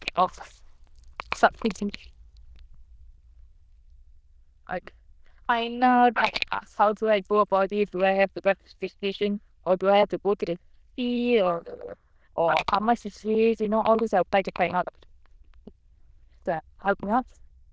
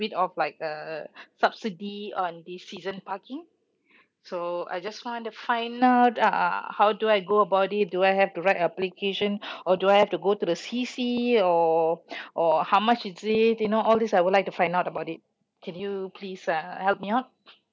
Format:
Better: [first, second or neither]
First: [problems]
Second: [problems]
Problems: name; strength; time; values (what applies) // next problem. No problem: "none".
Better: second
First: noise reduction (neural diffusion model UNIVERSE++)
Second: none